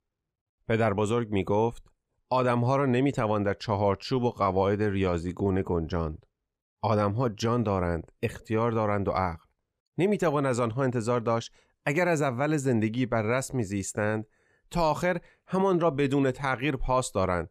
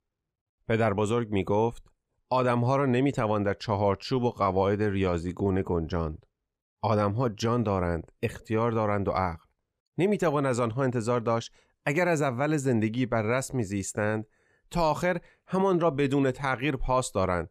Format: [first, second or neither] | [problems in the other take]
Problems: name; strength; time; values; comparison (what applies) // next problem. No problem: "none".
neither | none